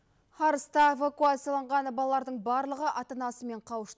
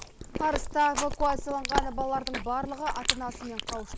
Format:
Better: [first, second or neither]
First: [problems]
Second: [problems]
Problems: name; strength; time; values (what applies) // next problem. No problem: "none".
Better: first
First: none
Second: background sound (Chewing, mastication); 3 dB below the speech